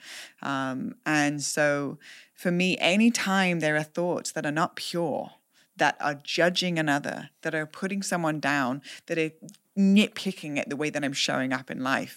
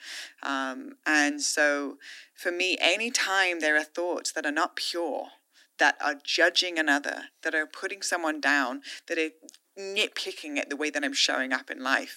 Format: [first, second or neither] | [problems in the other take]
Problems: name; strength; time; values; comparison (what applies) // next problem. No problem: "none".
first | thin; somewhat; fading below 250 Hz